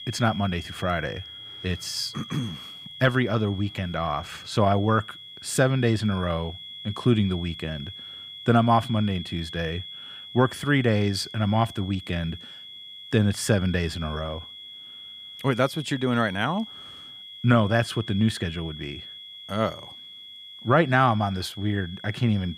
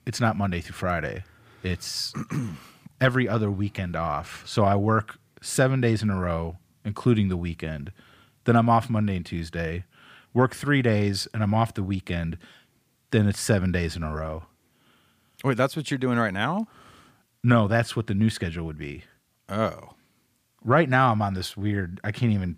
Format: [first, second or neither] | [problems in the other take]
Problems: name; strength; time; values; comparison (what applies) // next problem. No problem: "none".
second | high-pitched whine; noticeable; throughout; 3.5 kHz, 15 dB below the speech